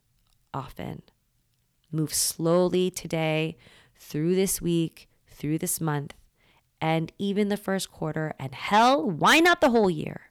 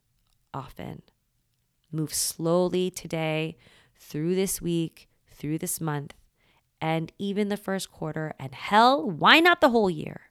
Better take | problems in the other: second | distortion; slight; 10 dB below the speech

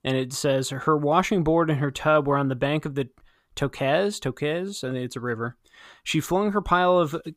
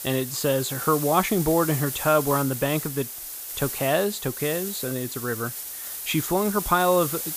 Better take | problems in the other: first | hiss; loud; throughout; 6 dB below the speech

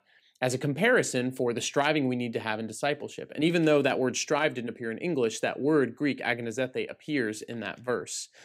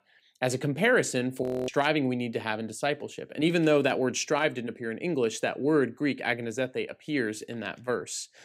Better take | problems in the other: first | audio freezing; at 1.5 s

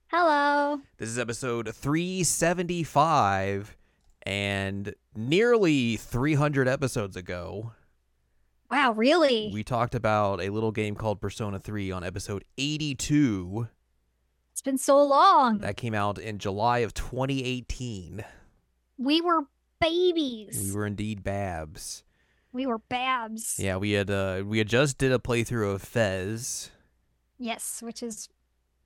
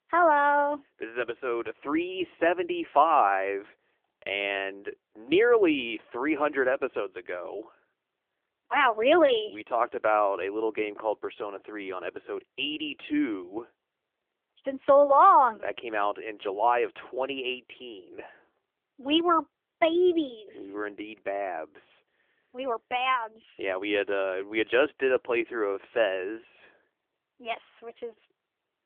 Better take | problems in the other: first | phone-call audio; nothing above 3.5 kHz

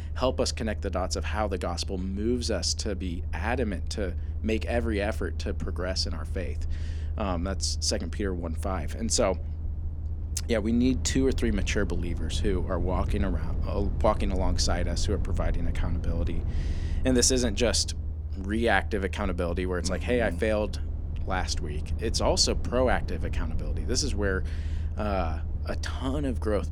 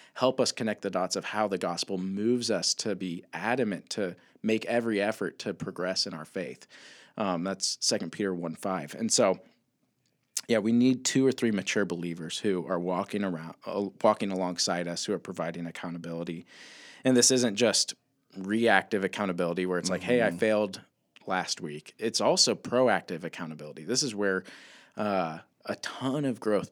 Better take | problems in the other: second | low rumble; noticeable; throughout; 20 dB below the speech

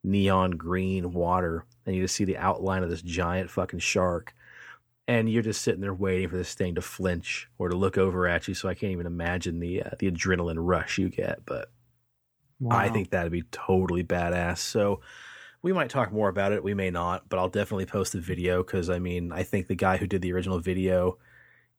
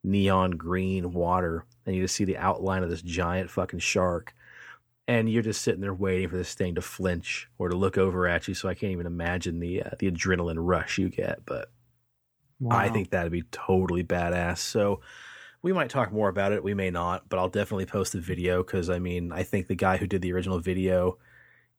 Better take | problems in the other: neither | none

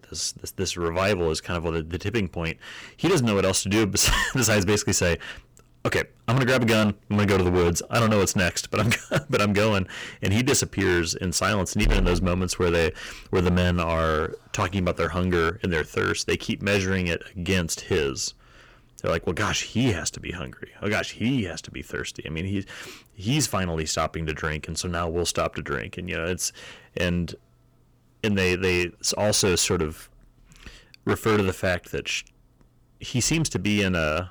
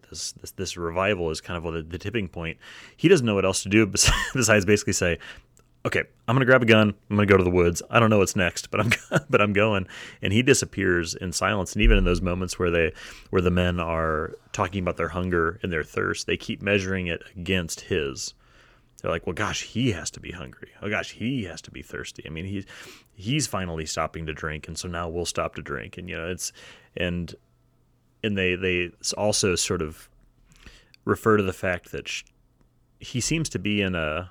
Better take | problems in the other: second | distortion; heavy; 9% of the sound clipped

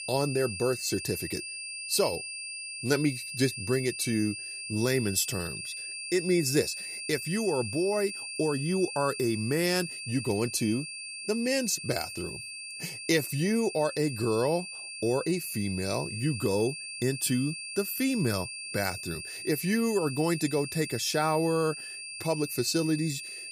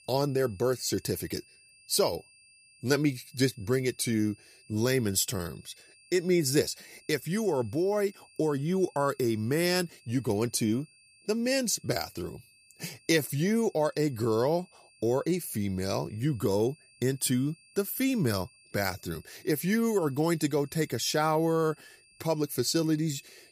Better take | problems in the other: second | high-pitched whine; loud; throughout; 2.5 kHz, 7 dB below the speech; faint in the second

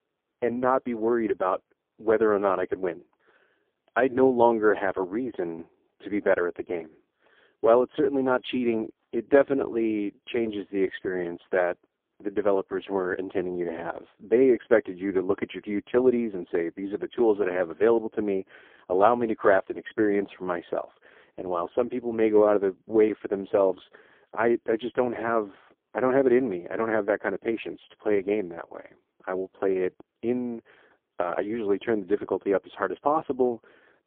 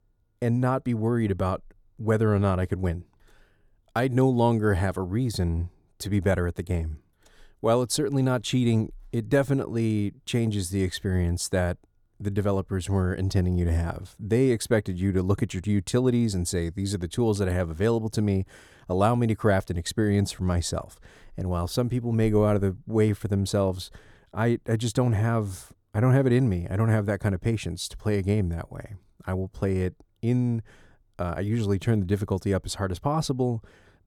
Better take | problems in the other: second | phone-call audio; poor line; nothing above 3.5 kHz

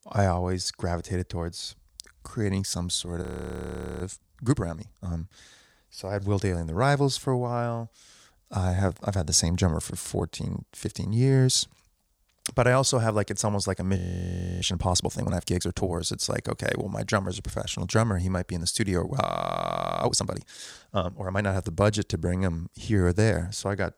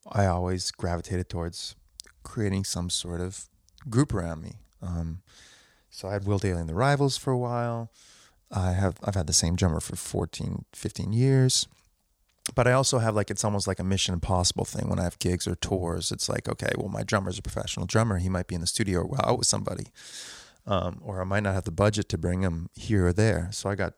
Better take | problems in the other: second | audio freezing; at 3 s for 1 s, at 14 s for 0.5 s and at 19 s for 1 s

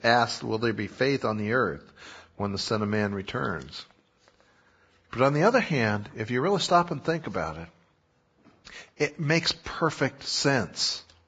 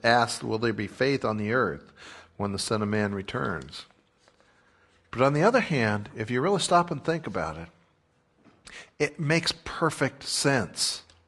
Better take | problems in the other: second | garbled, watery; badly; nothing above 7.5 kHz; slightly in the second

